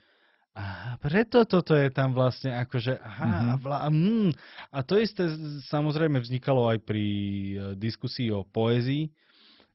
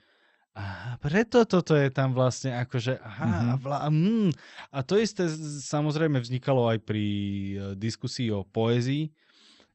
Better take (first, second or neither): second